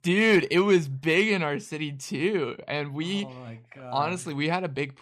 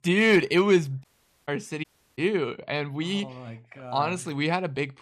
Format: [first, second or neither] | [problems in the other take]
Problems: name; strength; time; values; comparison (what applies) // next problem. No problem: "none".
first | audio cutting out; at 1 s and at 2 s